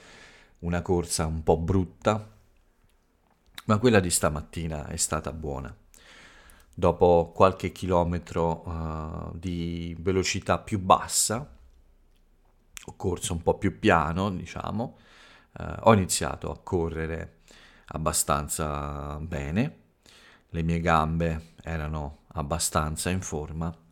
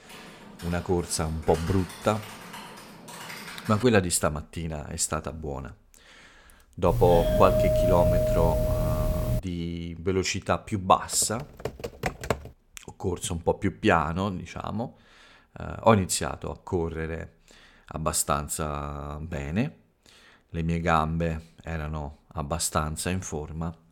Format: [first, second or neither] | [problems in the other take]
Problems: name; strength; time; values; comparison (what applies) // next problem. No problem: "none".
first | keyboard typing; faint; until 4 s; peak 10 dB below the speech // doorbell; loud; from 7 to 9.5 s; peak 4 dB above the speech // keyboard typing; noticeable; from 11 to 12 s; peak 3 dB below the speech